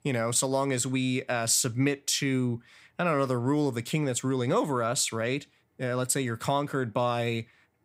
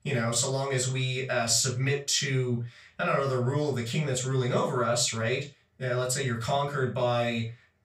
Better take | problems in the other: first | room echo; slight; dies away in 0.2 s // off-mic speech; far

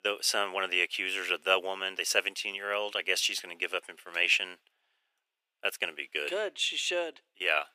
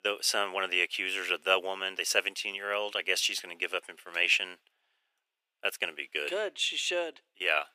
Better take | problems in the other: neither | thin; very; fading below 350 Hz; the same in both

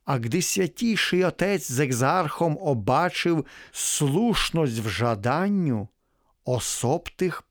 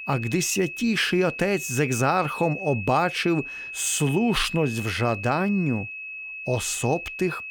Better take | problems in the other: first | high-pitched whine; loud; throughout; 2.5 kHz, 9 dB below the speech

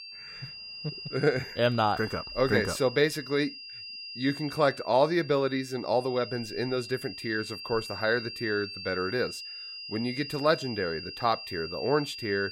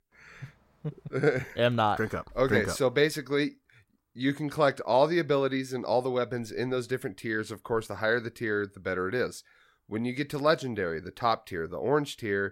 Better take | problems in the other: second | high-pitched whine; noticeable; throughout; 5 kHz, 10 dB below the speech

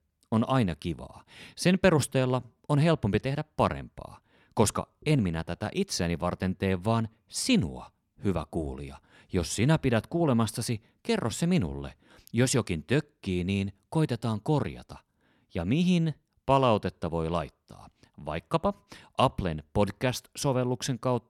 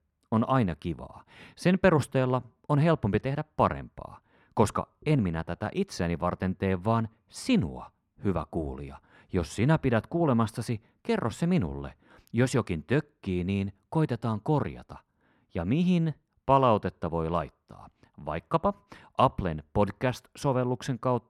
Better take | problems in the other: first | muffled; slightly; fading above 3 kHz

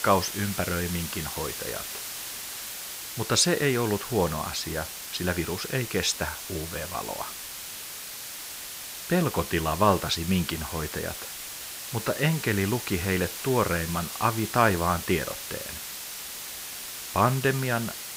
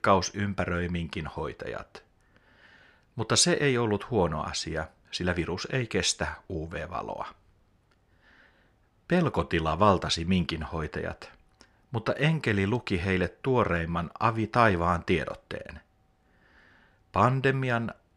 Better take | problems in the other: second | hiss; loud; throughout; 7 dB below the speech

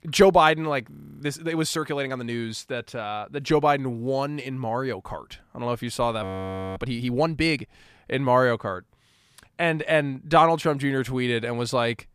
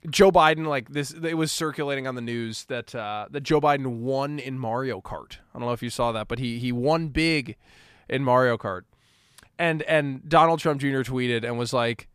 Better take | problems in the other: second | audio freezing; at 1 s and at 6 s for 0.5 s

